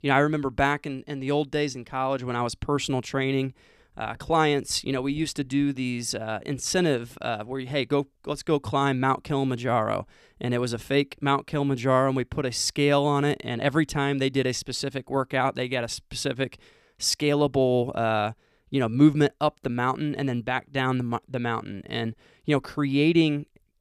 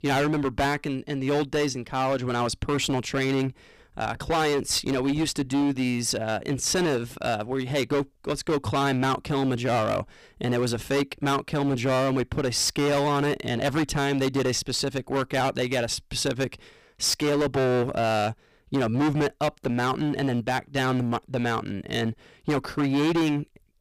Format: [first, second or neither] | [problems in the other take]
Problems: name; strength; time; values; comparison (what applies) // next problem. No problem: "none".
first | distortion; heavy; 17% of the sound clipped